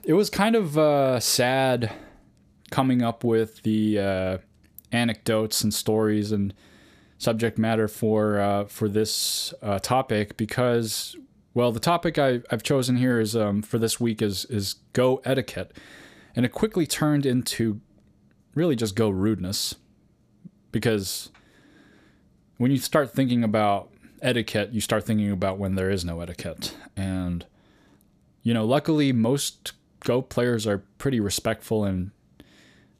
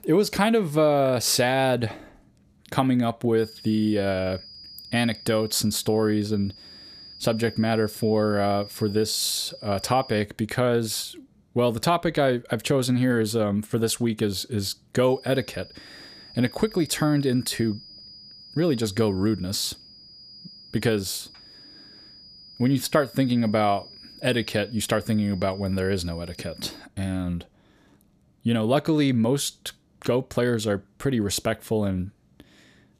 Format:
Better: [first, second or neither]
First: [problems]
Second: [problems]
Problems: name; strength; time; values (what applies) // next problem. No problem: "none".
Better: first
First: none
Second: high-pitched whine; noticeable; from 3.5 to 10 s and from 15 to 27 s; 5 kHz, 20 dB below the speech